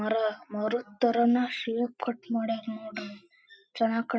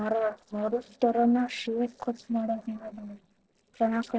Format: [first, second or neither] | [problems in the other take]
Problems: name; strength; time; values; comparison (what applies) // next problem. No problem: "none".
first | noise reduction (neural separator model SepFormer DNS4)